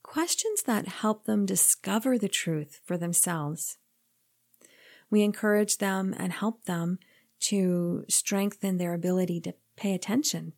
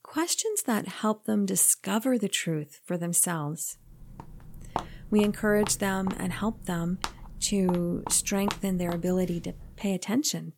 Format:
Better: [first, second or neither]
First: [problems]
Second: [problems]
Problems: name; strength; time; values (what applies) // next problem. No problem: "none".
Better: first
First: none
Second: footsteps; noticeable; from 4 to 9.5 s; peak 9 dB below the speech